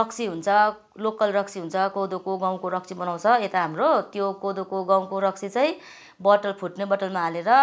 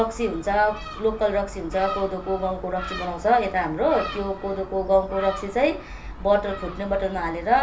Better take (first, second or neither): first